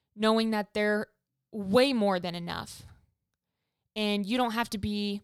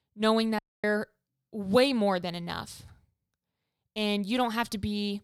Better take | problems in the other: first | audio cutting out; at 0.5 s

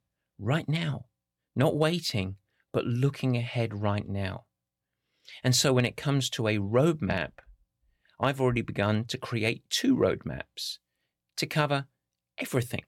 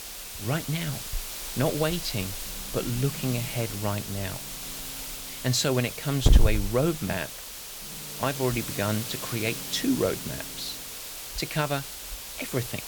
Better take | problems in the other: first | hiss; loud; throughout; 3 dB below the speech

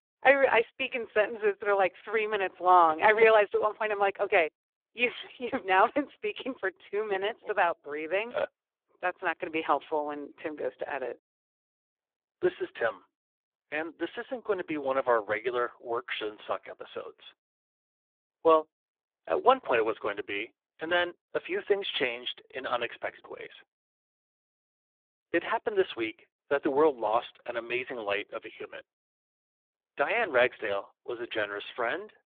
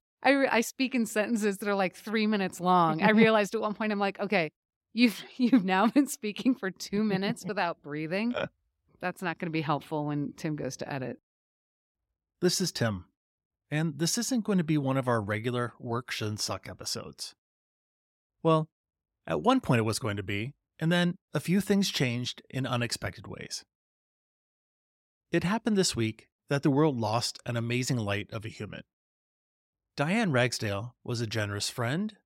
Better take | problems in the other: second | phone-call audio; poor line; nothing above 3.5 kHz

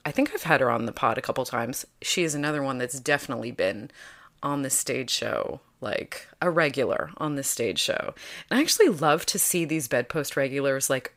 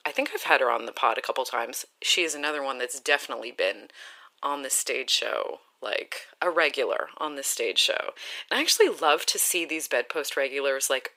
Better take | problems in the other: first | thin; somewhat; fading below 400 Hz

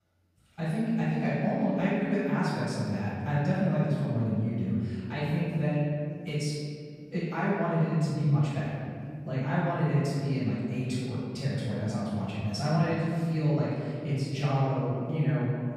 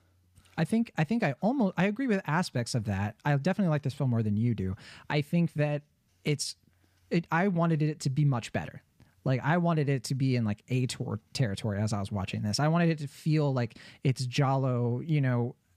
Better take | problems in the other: second | off-mic speech; far // room echo; strong; dies away in 2.2 s

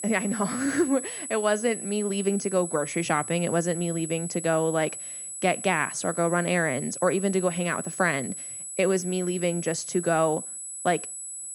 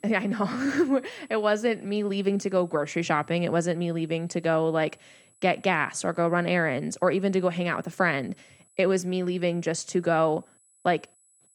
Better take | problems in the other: second | high-pitched whine; loud; throughout; 8 kHz, 7 dB below the speech; faint in the second

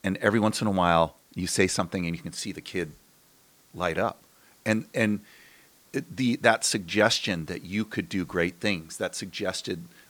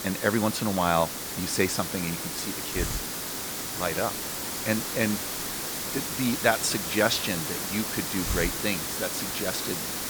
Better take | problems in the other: first | hiss; loud; throughout; 1 dB below the speech; faint in the first

